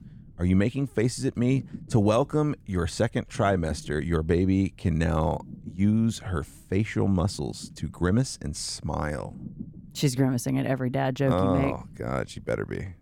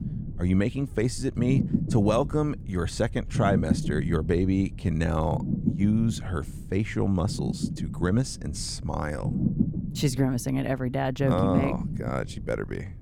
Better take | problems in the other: first | low rumble; loud; throughout; 8 dB below the speech; faint in the first

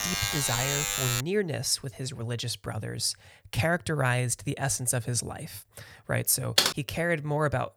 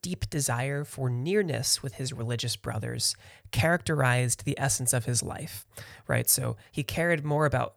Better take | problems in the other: second | alarm; loud; until 1 s; peak 2 dB above the speech // keyboard typing; loud; at 6.5 s; peak 5 dB above the speech

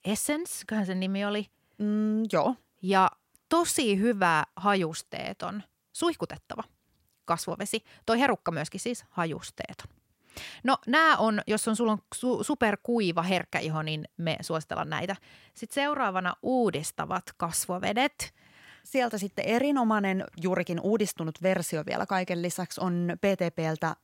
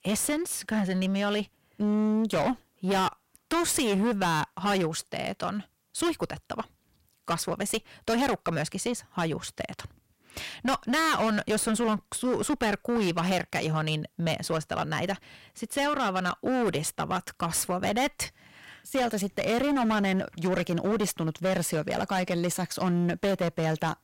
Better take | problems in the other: first | distortion; heavy; 17% of the sound clipped

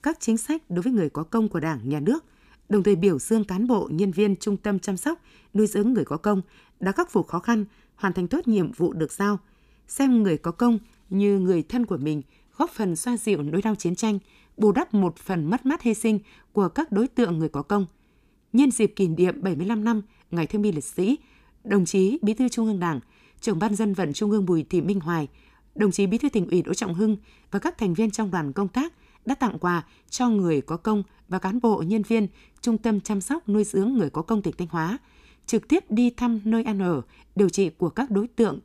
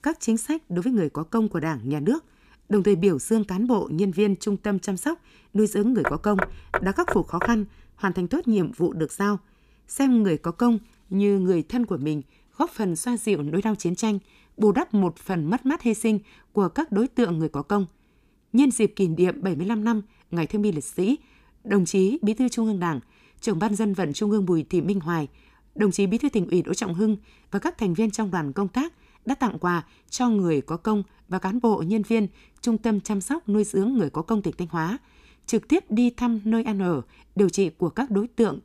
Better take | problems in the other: first | door banging; noticeable; from 6 to 7.5 s; peak 3 dB below the speech

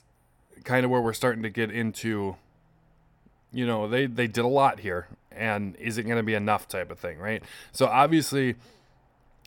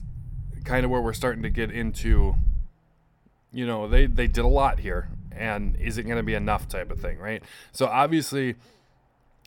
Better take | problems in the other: first | low rumble; faint; until 2.5 s and from 4 to 7 s; 20 dB below the speech

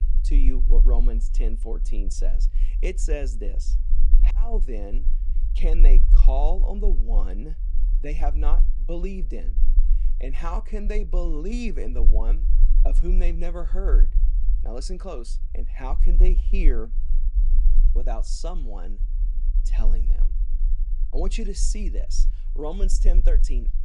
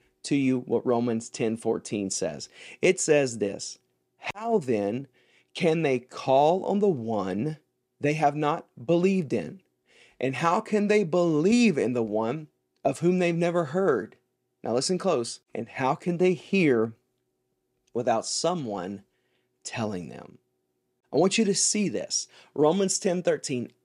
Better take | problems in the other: second | low rumble; noticeable; throughout; 15 dB below the speech

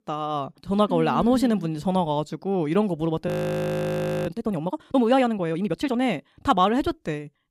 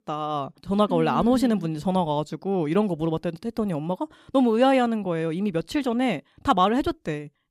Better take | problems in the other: second | audio freezing; at 3.5 s for 1 s

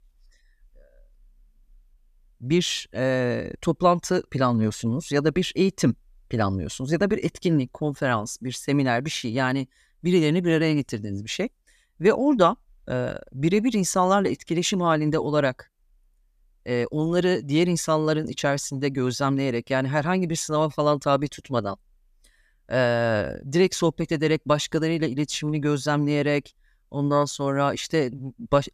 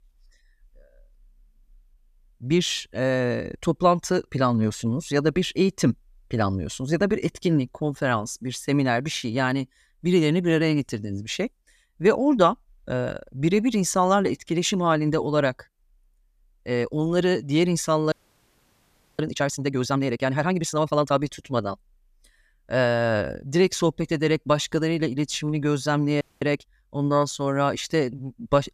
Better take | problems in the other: first | audio freezing; at 18 s for 1 s and at 26 s

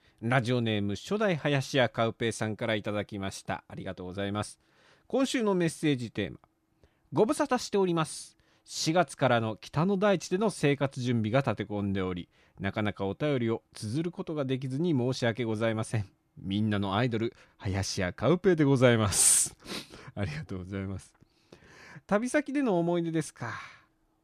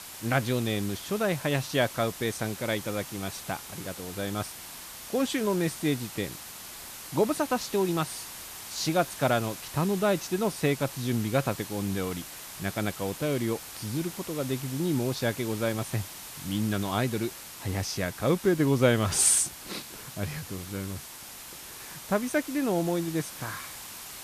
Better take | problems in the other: first | hiss; noticeable; throughout; 10 dB below the speech

